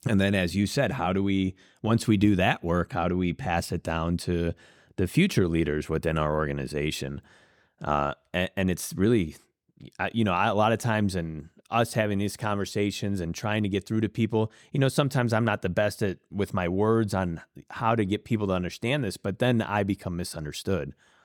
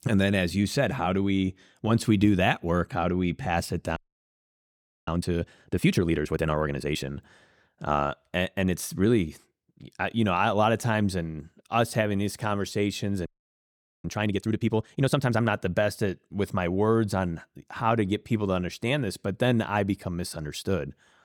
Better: first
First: none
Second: audio freezing; at 4 s for 1 s and at 13 s for 1 s

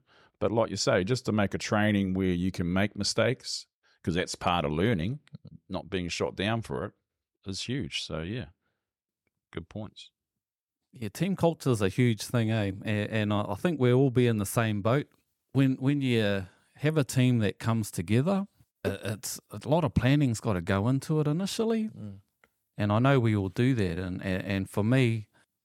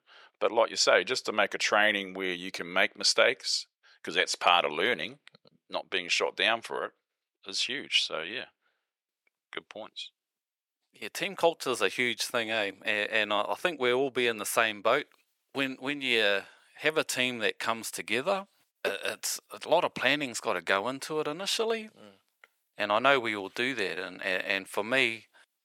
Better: first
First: none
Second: thin; very; fading below 550 Hz

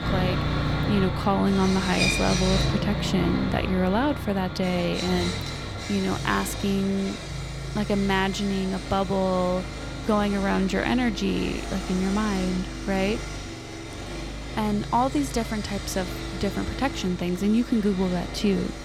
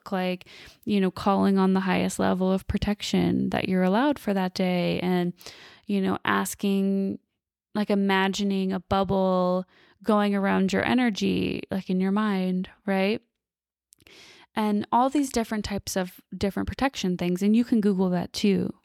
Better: second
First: machinery noise; loud; throughout; 5 dB below the speech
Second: none

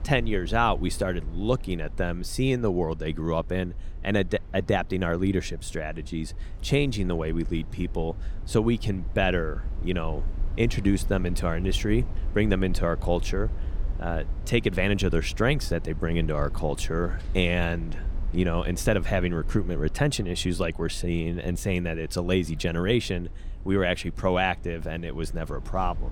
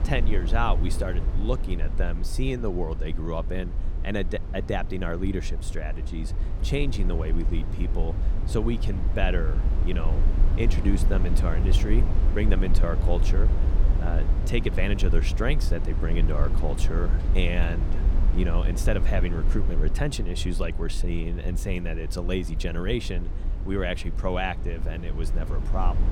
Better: first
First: low rumble; faint; throughout; 20 dB below the speech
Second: low rumble; loud; throughout; 9 dB below the speech

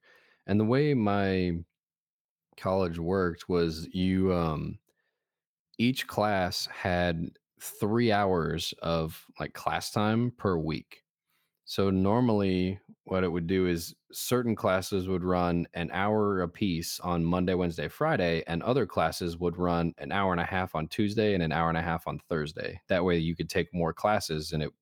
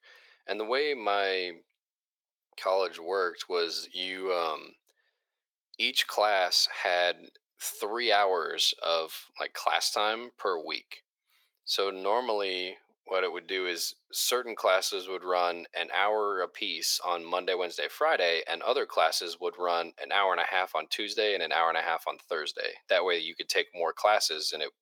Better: first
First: none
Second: thin; very; fading below 450 Hz

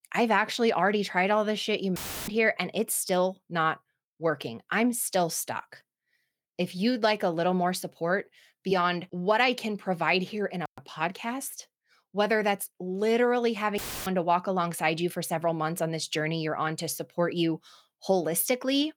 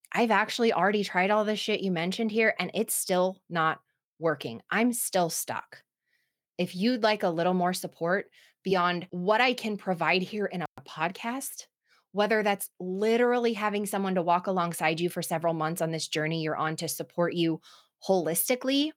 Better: second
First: audio cutting out; filled with static; at 2 s and at 14 s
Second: none

